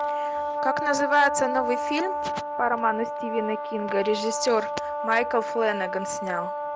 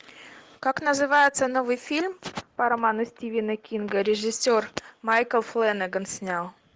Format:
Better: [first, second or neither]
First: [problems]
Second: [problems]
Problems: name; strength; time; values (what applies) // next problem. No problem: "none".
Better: second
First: background sound (Brass instrument); 2 dB below the speech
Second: none